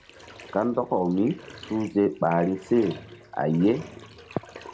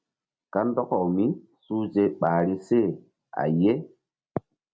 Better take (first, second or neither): second